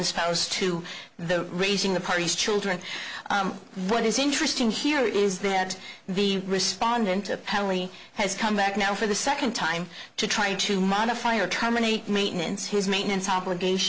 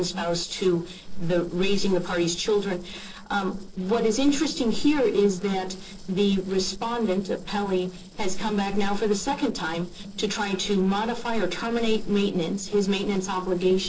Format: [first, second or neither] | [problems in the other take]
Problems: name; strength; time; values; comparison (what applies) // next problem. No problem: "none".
first | noise reduction (neural separator model SepFormer DNS4)